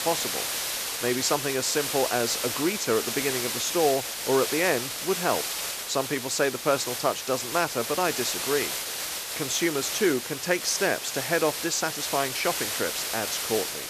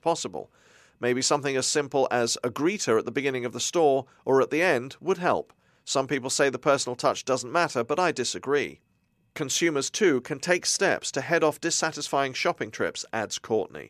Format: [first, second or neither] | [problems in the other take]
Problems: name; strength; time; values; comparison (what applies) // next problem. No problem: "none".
second | hiss; loud; throughout; 2 dB below the speech